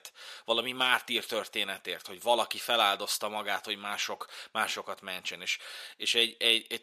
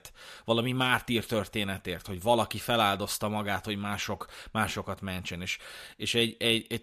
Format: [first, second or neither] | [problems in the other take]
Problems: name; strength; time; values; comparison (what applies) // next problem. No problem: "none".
second | thin; somewhat; fading below 450 Hz